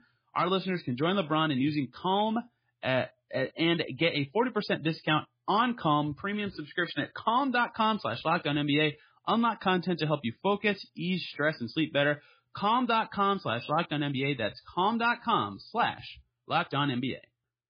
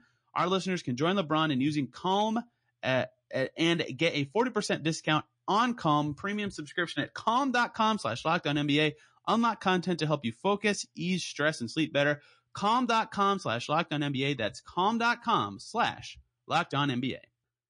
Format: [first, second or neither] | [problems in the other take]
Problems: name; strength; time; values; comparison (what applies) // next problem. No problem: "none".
second | garbled, watery; badly; nothing above 5 kHz; slightly in the second